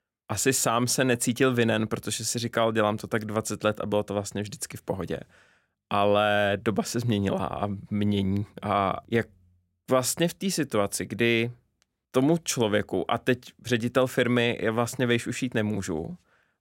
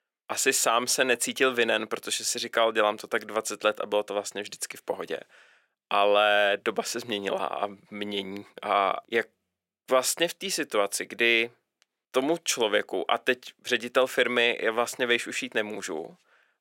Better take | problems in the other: first | thin; somewhat; fading below 450 Hz

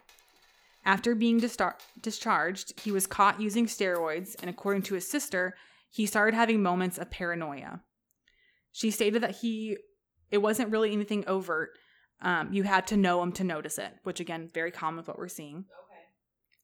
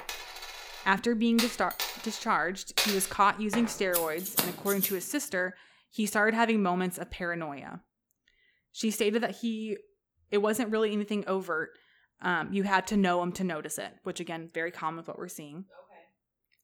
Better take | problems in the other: first | household noises; loud; until 5 s; 3 dB below the speech; faint in the first

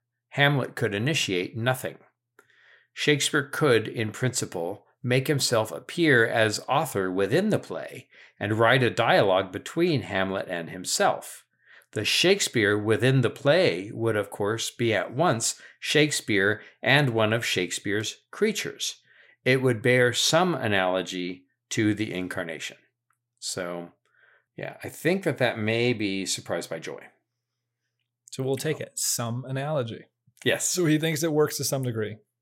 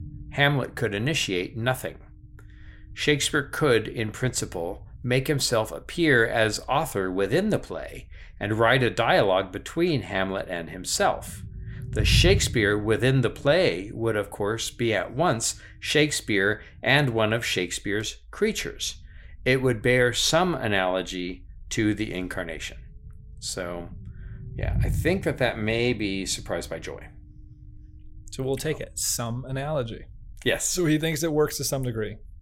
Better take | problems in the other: first | low rumble; faint; throughout; 25 dB below the speech

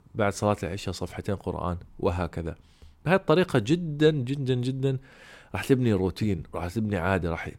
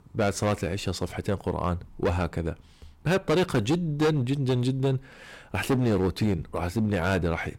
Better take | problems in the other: first | distortion; heavy; 8% of the sound clipped

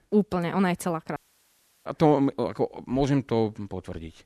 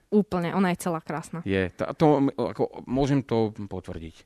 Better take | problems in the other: second | audio cutting out; at 1 s for 0.5 s

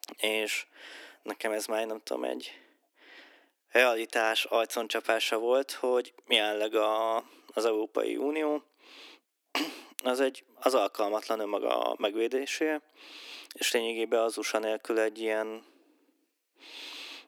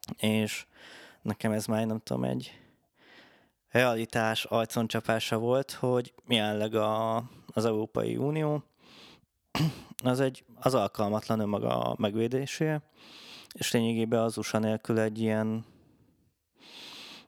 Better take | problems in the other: second | thin; somewhat; fading below 300 Hz

